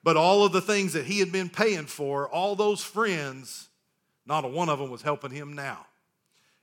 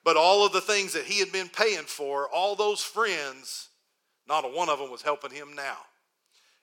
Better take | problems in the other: first | thin; very; fading below 500 Hz

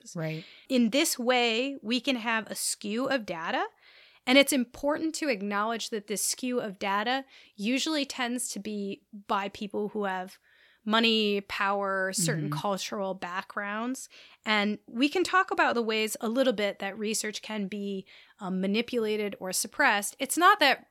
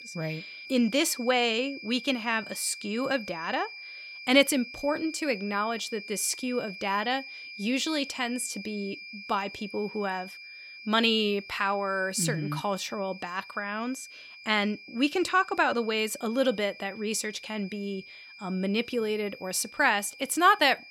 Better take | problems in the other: first | high-pitched whine; noticeable; throughout; 2.5 kHz, 15 dB below the speech

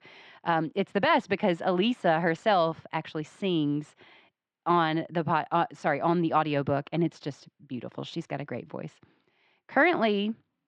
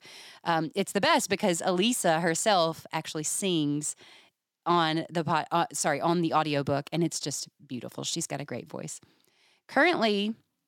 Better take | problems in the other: second | muffled; very; fading above 3 kHz

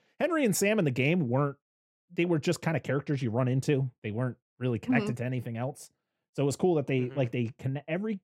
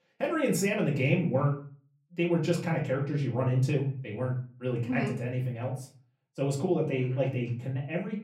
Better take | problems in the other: first | off-mic speech; far // room echo; slight; dies away in 0.4 s

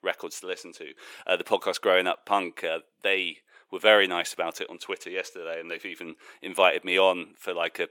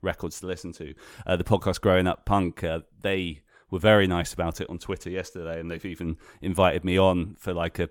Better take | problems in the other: second | thin; somewhat; fading below 400 Hz

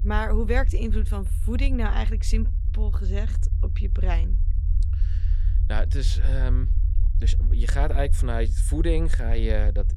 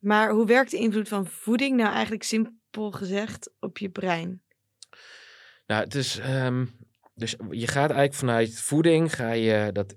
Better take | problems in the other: second | low rumble; noticeable; throughout; 15 dB below the speech

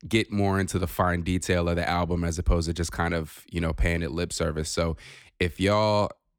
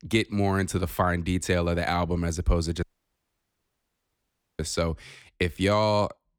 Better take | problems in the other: first | audio cutting out; at 3 s for 2 s

